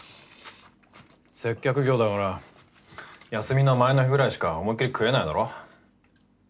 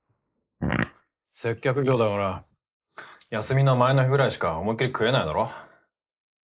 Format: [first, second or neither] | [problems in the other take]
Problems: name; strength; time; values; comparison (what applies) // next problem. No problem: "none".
first | noise reduction (neural mask model Resemble Enhance denoiser)